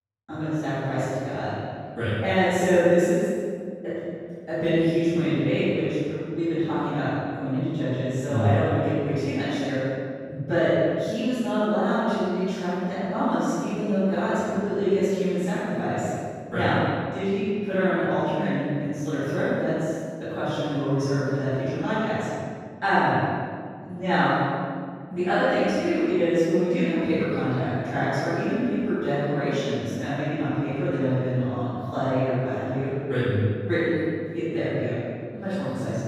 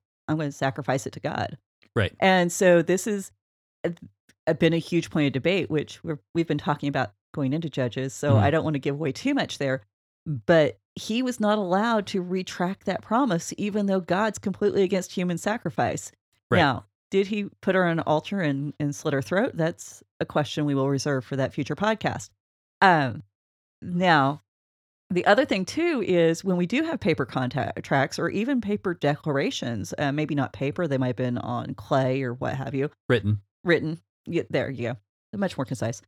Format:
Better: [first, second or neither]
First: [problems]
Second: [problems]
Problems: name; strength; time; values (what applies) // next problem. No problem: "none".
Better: second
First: off-mic speech; far // room echo; strong; dies away in 1.8 s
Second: none